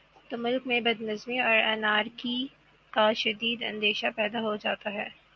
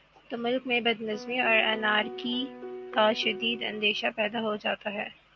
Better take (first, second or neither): first